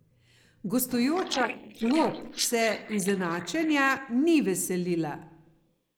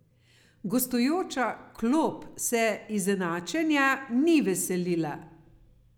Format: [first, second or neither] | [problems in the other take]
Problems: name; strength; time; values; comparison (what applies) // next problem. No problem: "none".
second | noise reduction (neural mask model Resemble Enhance denoiser)